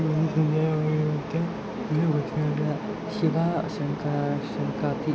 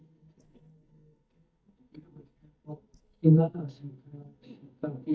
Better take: first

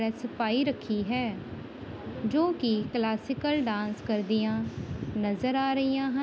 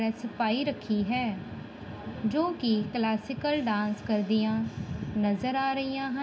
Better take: first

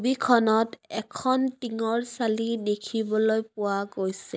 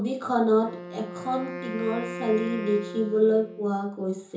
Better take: first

